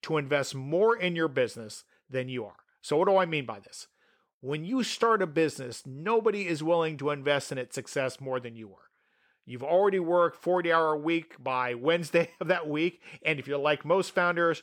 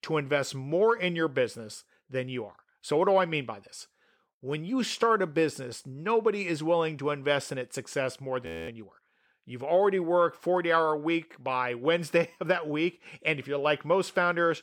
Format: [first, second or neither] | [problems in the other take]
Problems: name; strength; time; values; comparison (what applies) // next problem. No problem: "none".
first | audio freezing; at 8.5 s